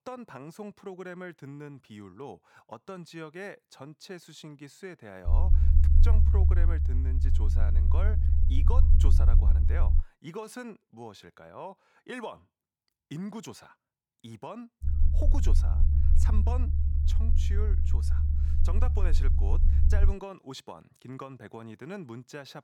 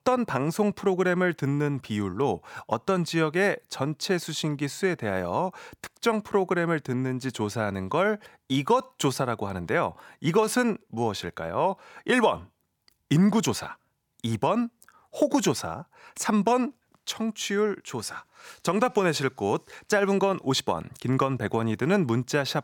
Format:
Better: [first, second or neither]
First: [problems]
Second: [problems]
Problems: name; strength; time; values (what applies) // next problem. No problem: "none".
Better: second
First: low rumble; loud; from 5.5 to 10 s and from 15 to 20 s; 2 dB below the speech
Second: none